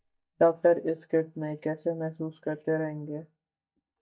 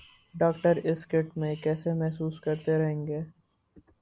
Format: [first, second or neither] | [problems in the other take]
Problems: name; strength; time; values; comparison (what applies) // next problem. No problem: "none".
second | noise reduction (neural mask model DeepFilterNet 3)